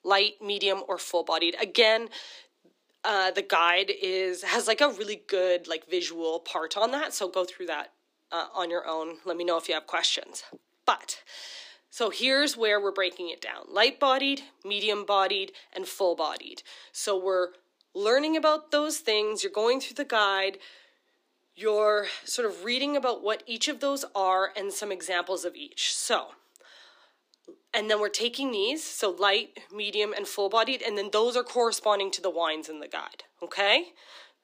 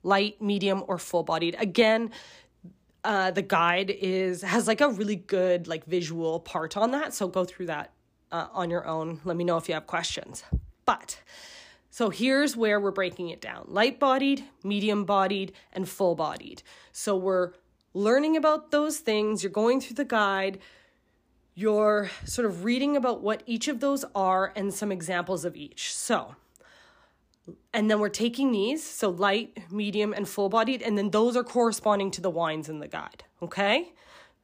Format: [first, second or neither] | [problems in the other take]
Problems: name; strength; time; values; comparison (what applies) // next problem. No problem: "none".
second | thin; somewhat; fading below 300 Hz